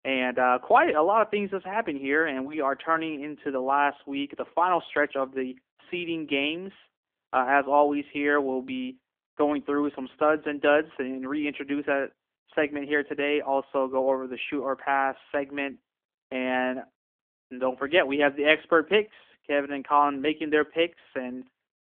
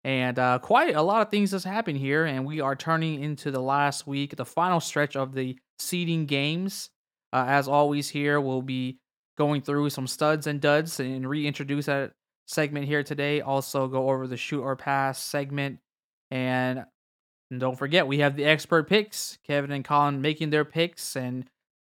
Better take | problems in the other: second | phone-call audio; nothing above 3.5 kHz

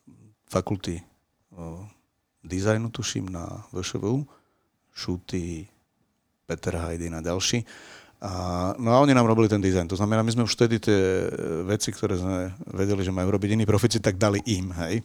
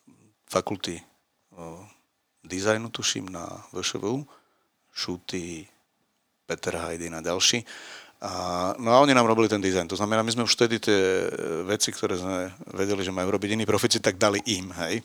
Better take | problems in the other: first | thin; very slightly; fading below 500 Hz

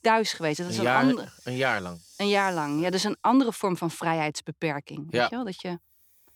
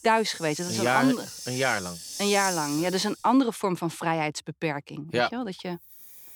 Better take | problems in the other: first | hiss; loud; throughout; 8 dB below the speech; faint in the first

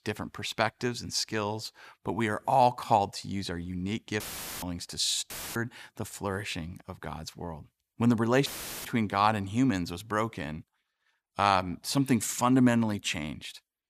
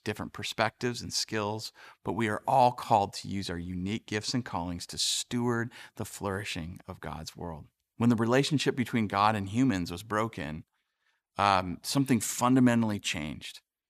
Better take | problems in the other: second | audio cutting out; filled with static; at 4 s, at 5.5 s and at 8.5 s

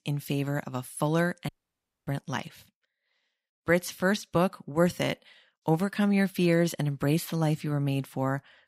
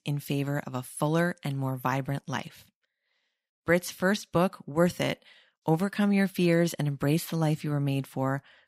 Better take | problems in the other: second | audio cutting out; at 1.5 s for 0.5 s

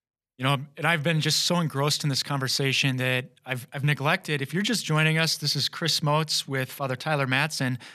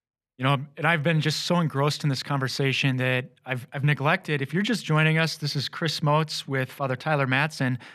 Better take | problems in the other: first | muffled; very slightly; fading above 3.5 kHz

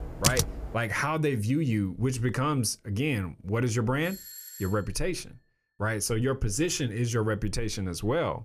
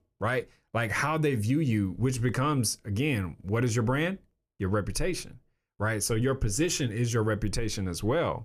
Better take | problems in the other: second | keyboard typing; loud; at the start; peak 3 dB above the speech // doorbell; faint; at 4 s; peak 10 dB below the speech

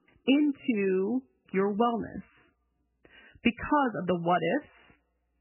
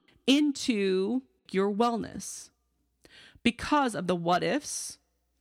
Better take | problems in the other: second | garbled, watery; badly; nothing above 3 kHz

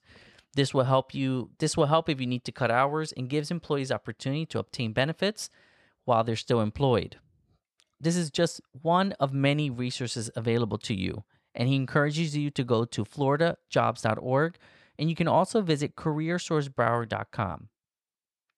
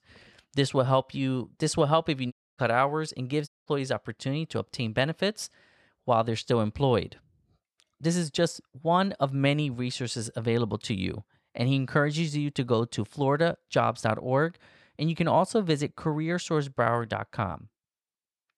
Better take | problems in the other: first | audio cutting out; at 2.5 s and at 3.5 s

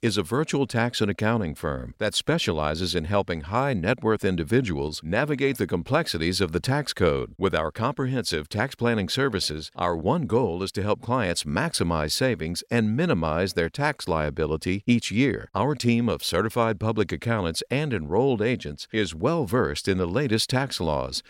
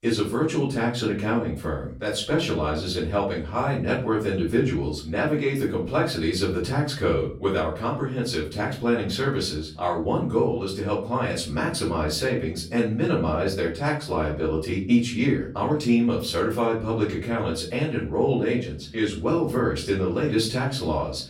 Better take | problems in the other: first | off-mic speech; far // room echo; slight; dies away in 0.4 s

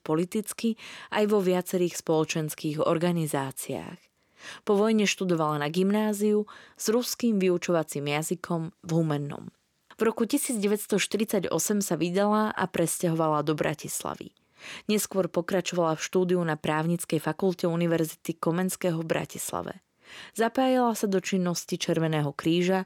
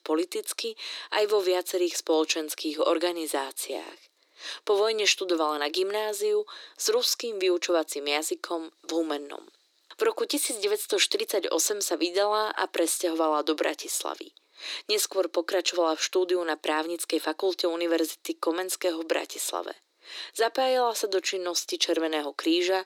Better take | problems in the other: first | thin; very; fading below 300 Hz

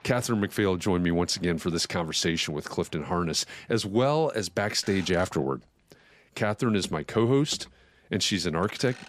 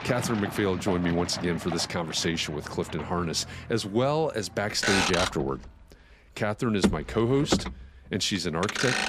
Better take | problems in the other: first | traffic noise; loud; throughout; 4 dB below the speech; faint in the first

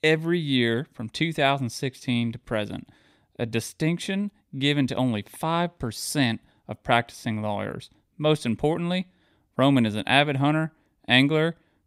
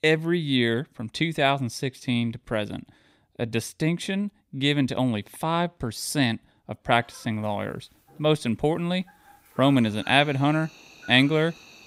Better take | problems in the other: first | animal sounds; faint; from 7.5 s on; 25 dB below the speech

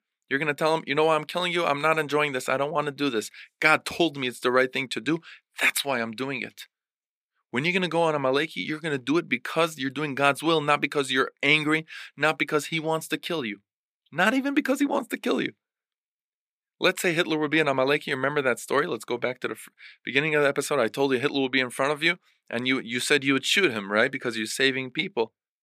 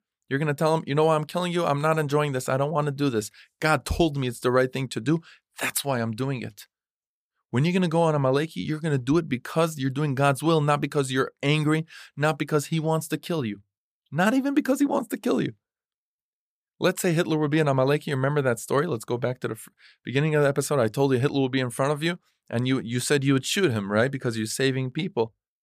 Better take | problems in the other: second | thin; very slightly; fading below 250 Hz

